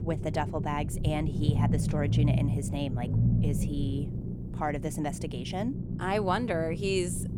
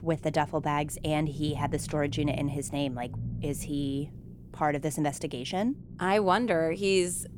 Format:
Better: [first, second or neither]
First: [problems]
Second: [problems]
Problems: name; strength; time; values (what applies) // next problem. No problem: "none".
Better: second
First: low rumble; loud; throughout; 8 dB below the speech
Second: low rumble; faint; throughout; 20 dB below the speech